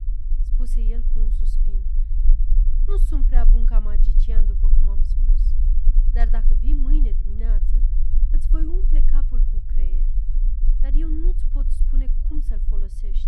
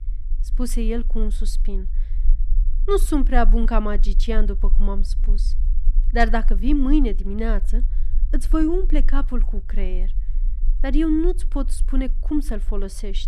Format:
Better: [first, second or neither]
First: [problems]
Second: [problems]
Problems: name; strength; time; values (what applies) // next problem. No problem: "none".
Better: second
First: low rumble; loud; throughout; 6 dB below the speech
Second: low rumble; faint; throughout; 25 dB below the speech